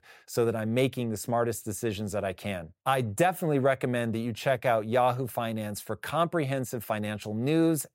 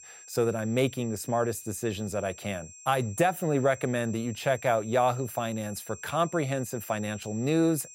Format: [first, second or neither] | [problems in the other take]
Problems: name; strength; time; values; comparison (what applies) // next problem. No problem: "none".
first | high-pitched whine; noticeable; throughout; 7.5 kHz, 15 dB below the speech